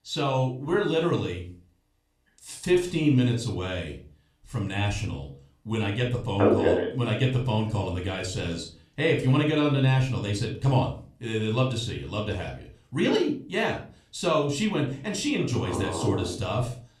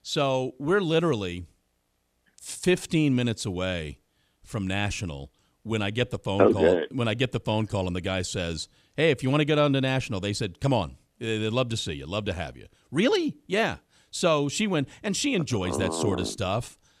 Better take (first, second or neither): second